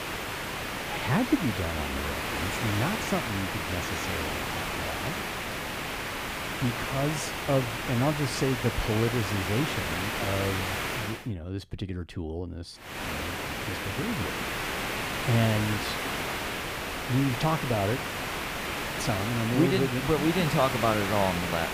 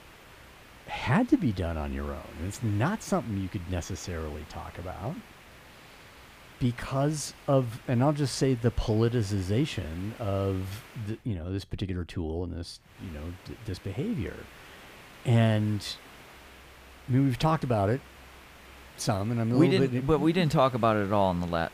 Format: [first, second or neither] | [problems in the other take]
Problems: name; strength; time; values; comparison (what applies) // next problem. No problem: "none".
second | hiss; loud; until 11 s and from 13 s on; 1 dB below the speech; faint in the second